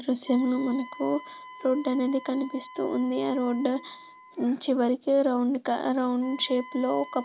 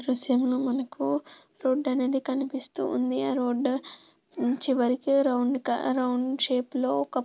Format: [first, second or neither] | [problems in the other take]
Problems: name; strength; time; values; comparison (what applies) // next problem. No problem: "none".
second | background sound (Wind instrument, woodwind instrument); 19 dB below the speech